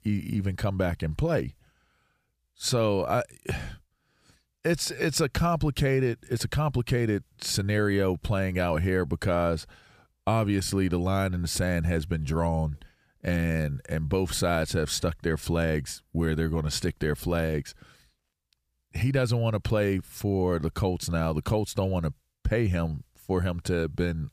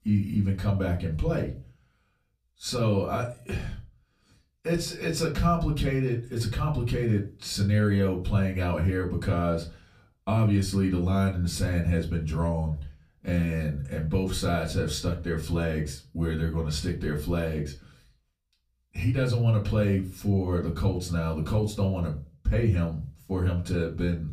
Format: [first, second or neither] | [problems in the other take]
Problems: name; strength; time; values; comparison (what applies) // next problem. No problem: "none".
first | off-mic speech; far // room echo; very slight; dies away in 0.3 s